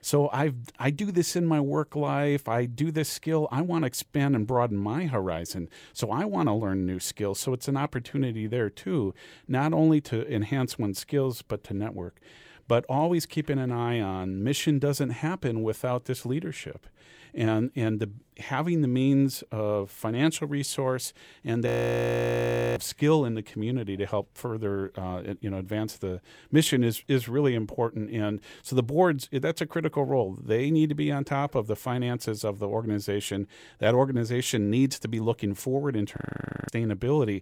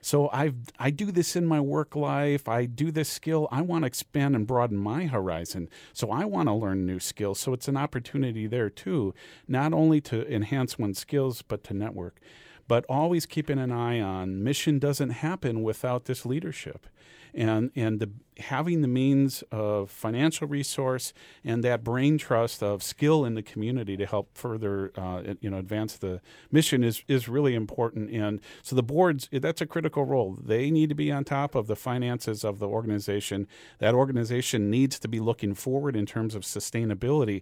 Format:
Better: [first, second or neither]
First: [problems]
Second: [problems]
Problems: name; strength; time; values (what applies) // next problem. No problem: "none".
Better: second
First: audio freezing; at 22 s for 1 s and at 36 s for 0.5 s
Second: none